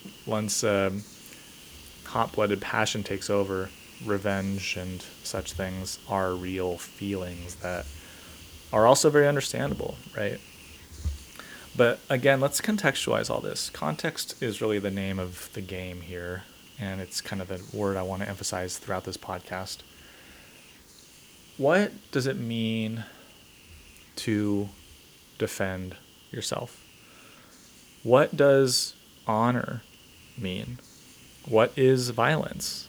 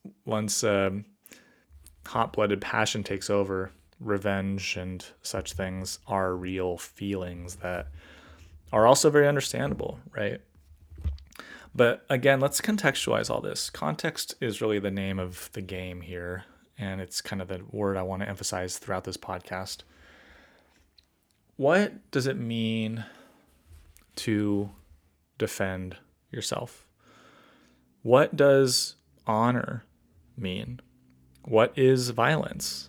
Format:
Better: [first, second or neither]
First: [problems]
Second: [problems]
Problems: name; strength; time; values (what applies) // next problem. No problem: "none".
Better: second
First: hiss; faint; throughout; 20 dB below the speech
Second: none